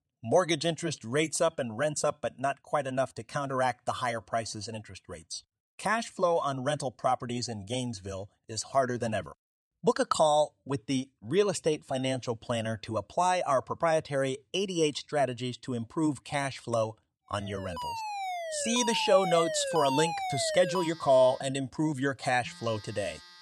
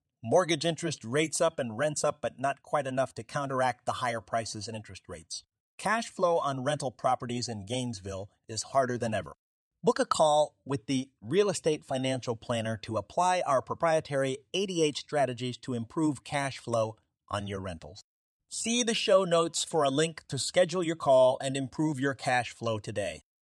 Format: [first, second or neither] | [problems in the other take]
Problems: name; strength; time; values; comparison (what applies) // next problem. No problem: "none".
second | alarms or sirens; loud; from 18 s on; 4 dB below the speech